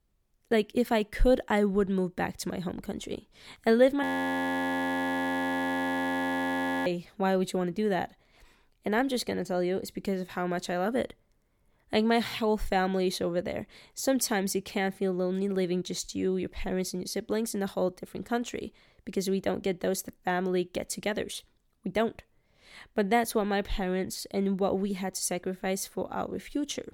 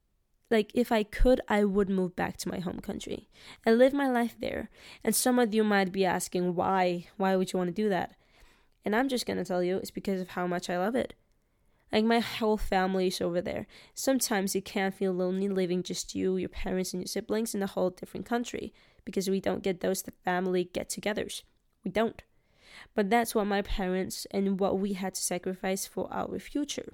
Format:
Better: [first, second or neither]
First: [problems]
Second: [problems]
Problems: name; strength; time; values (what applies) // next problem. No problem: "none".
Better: second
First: audio freezing; at 4 s for 3 s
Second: none